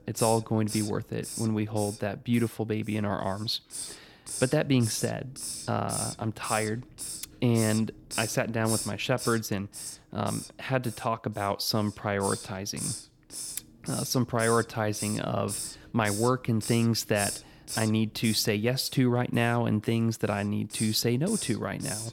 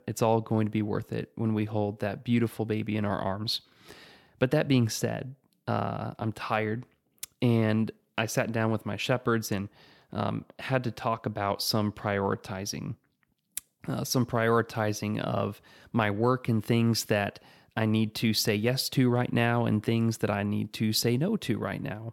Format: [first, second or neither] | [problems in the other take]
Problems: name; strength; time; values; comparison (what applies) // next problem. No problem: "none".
second | hiss; loud; throughout; 8 dB below the speech